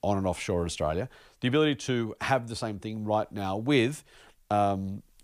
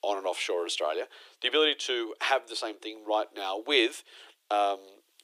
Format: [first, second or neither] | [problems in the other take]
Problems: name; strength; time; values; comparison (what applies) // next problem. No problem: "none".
first | thin; very; fading below 350 Hz